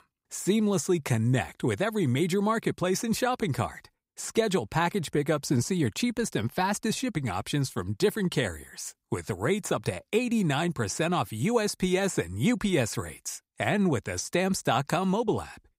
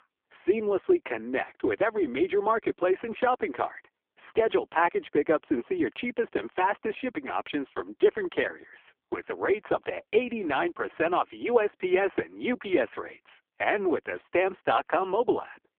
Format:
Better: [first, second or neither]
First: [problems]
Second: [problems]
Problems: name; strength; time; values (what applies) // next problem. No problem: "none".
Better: first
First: none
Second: phone-call audio; poor line; nothing above 3.5 kHz